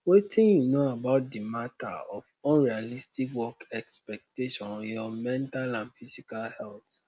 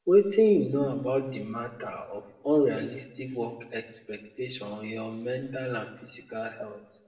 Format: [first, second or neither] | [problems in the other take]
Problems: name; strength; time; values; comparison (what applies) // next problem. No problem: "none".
first | room echo; dies away in 0.6 s